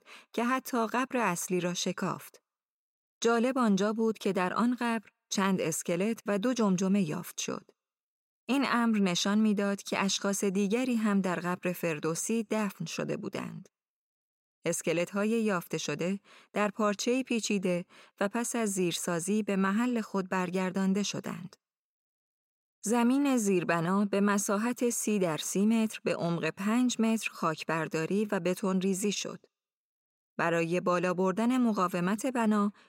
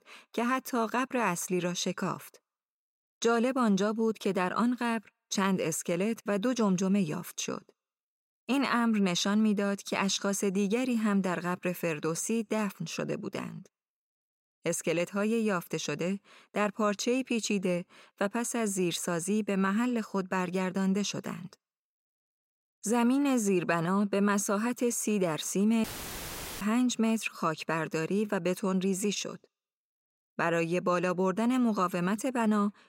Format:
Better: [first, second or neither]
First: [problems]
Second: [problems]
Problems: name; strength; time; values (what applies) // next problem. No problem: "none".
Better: first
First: none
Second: audio cutting out; filled with static; at 26 s for 1 s